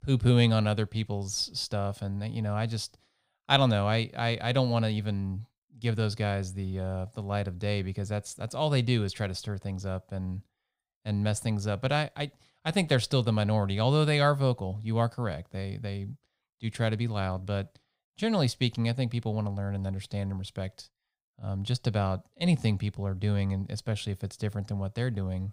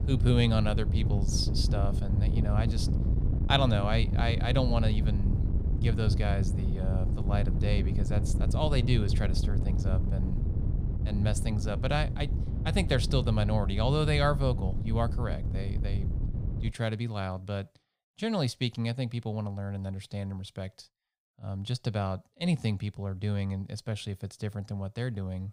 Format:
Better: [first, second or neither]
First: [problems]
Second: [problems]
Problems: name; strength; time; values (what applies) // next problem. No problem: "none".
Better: first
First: none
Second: wind noise on the microphone; heavy; until 17 s; 9 dB below the speech